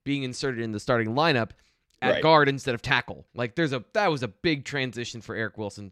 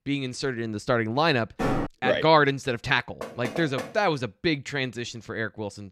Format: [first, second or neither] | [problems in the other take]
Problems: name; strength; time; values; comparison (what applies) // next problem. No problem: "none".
first | door banging; noticeable; at 1.5 s and at 3 s; peak 2 dB below the speech